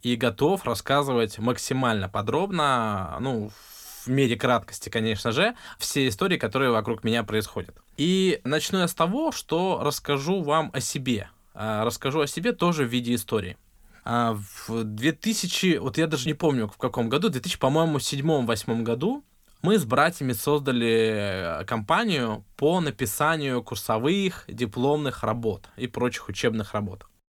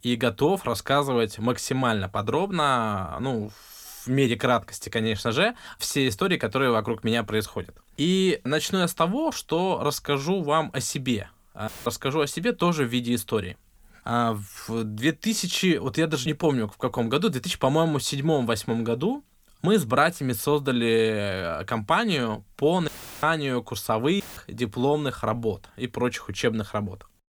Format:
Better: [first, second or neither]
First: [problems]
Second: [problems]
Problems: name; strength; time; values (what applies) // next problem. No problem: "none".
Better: first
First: none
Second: audio cutting out; filled with static; at 12 s, at 23 s and at 24 s